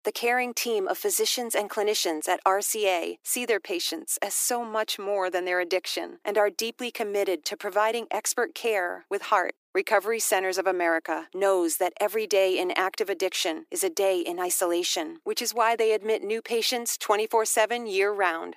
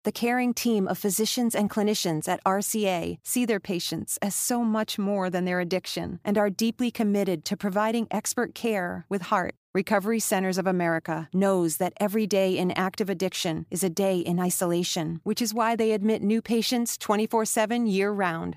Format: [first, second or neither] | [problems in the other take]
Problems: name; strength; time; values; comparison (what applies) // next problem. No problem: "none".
second | thin; very; fading below 300 Hz